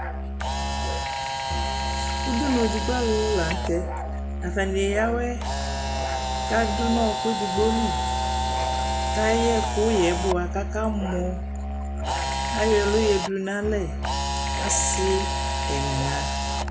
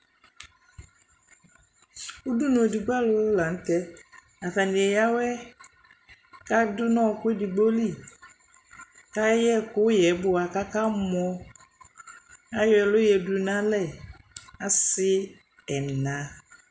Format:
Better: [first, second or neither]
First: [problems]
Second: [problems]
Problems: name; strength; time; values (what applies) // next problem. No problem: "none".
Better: second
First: background sound (Musical instrument + Camera); 1 dB above the speech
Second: none